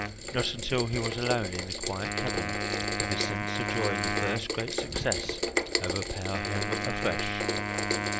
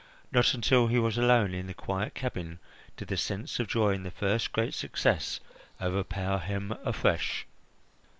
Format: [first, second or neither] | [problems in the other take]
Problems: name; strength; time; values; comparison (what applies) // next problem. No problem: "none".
second | background sound (Rain + Wind instrument, woodwind instrument); 3 dB above the speech